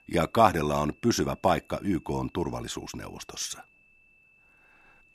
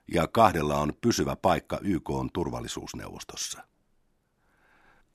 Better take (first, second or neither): second